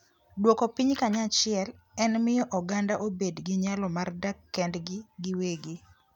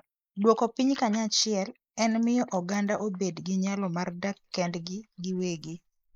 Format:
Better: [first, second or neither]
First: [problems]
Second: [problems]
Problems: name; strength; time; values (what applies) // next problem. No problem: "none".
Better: first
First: none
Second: noise reduction (neural mask model Resemble Enhance denoiser)